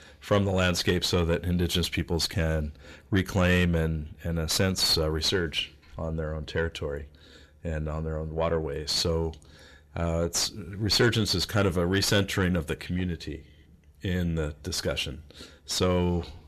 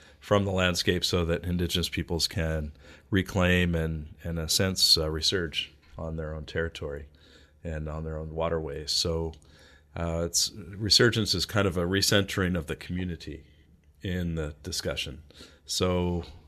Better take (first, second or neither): second